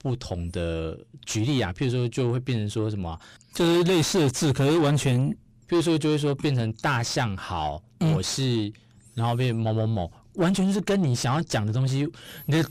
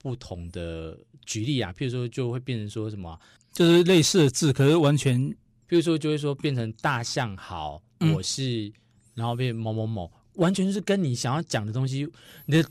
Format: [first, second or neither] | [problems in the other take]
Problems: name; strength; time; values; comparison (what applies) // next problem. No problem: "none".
second | distortion; heavy; 6 dB below the speech